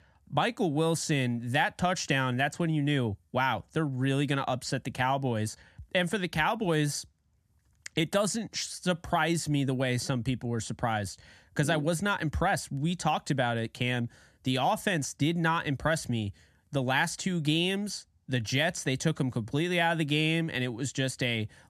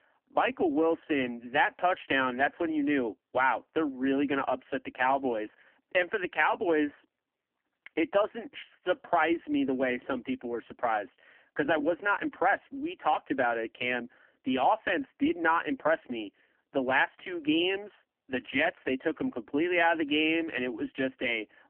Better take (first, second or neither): first